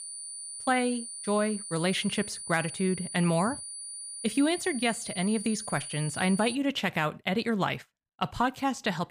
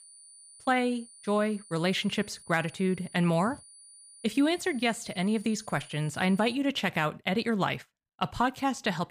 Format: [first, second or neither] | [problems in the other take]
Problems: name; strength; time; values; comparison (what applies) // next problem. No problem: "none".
second | high-pitched whine; loud; until 6.5 s; 9.5 kHz, 8 dB below the speech; faint in the second